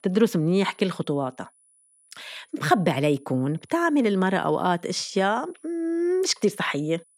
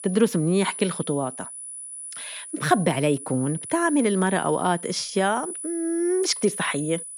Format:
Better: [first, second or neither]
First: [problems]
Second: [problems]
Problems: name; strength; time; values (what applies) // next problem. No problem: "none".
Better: first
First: high-pitched whine; faint; throughout; 10 kHz, 35 dB below the speech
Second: high-pitched whine; loud; throughout; 10 kHz, 10 dB below the speech